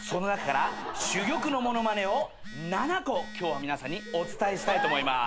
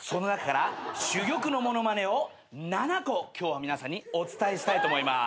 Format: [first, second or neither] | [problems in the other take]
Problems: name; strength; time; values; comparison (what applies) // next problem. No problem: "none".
second | background sound (Telephone); 12 dB below the speech